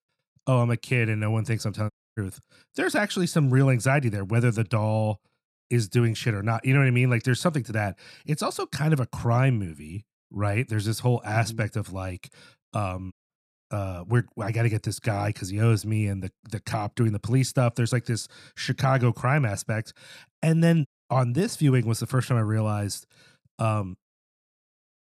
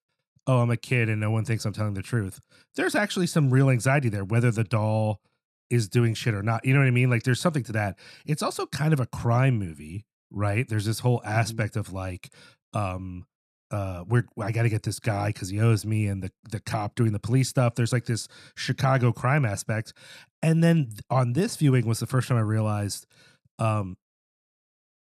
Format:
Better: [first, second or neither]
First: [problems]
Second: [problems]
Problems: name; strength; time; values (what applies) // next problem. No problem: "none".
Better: second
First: audio cutting out; at 2 s, at 13 s and at 21 s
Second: none